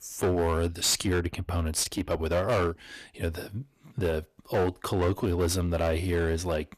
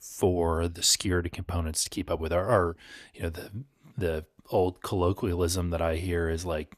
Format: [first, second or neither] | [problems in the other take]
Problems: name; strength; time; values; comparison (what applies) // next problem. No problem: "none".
second | distortion; slight; 13% of the sound clipped